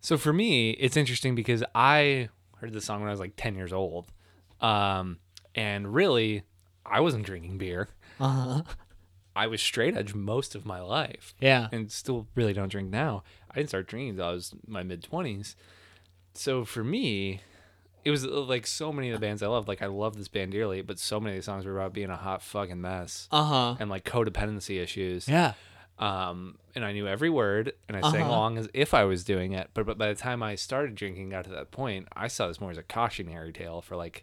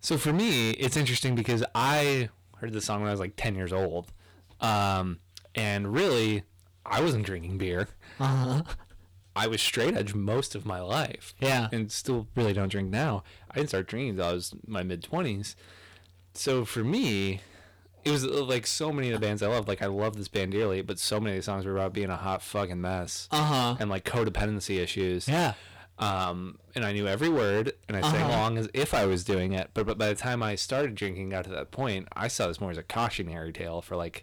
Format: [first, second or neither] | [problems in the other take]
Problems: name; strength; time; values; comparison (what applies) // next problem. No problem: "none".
first | distortion; heavy; 10% of the sound clipped